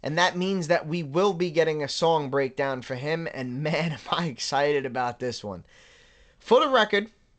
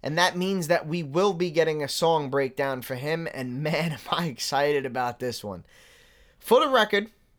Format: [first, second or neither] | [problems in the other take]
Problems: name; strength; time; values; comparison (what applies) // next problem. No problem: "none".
second | garbled, watery; slightly; nothing above 8 kHz